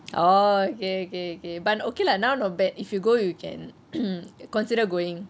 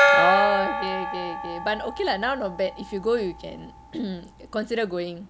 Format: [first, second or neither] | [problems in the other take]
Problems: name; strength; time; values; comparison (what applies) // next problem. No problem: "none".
first | background sound (Gong); as loud as the speech